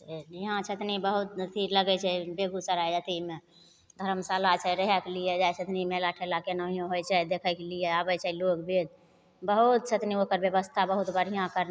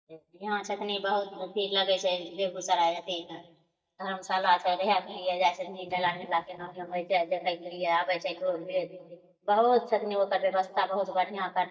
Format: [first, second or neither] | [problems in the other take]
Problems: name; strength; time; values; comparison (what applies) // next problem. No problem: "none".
first | noise reduction (neural mask model DeepFilterNet 3)